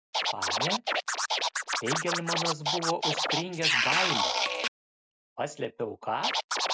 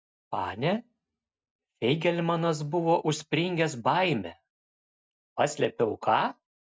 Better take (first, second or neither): second